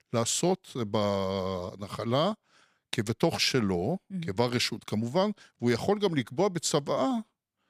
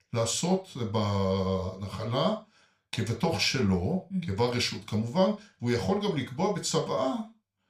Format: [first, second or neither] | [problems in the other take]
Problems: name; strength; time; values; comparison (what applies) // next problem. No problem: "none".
first | room echo; very slight; dies away in 0.3 s // off-mic speech; somewhat distant